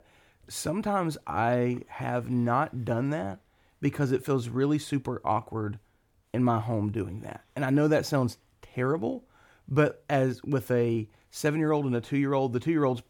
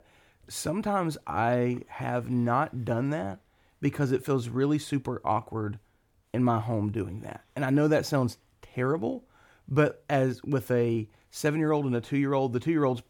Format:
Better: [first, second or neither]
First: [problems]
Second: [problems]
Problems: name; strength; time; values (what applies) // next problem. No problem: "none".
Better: neither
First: none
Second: none